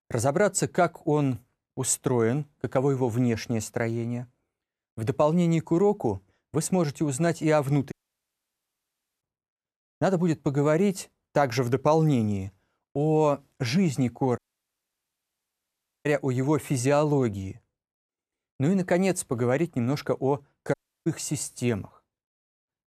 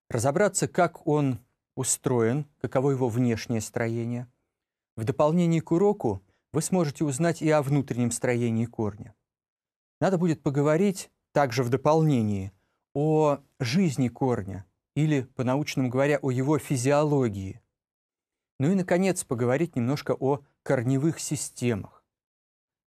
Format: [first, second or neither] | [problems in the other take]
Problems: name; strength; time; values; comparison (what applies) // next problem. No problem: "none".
second | audio cutting out; at 8 s for 1.5 s, at 14 s for 1.5 s and at 21 s